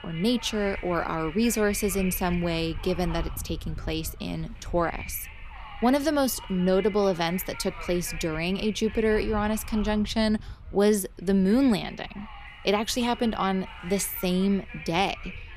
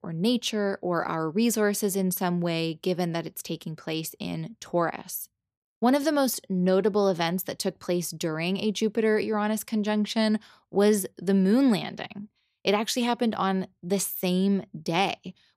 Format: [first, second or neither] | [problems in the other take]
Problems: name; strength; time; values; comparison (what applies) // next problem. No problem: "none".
second | wind noise on the microphone; occasional gusts; 10 dB below the speech